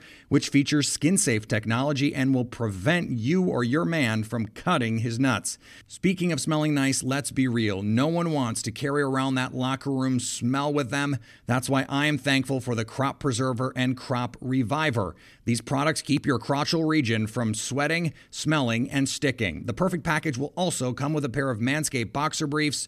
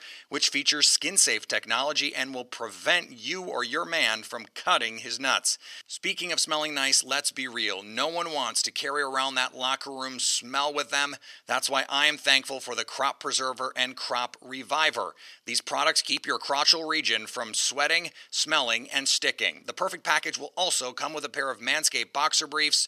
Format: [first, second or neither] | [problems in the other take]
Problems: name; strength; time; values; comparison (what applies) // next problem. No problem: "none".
first | thin; very; fading below 750 Hz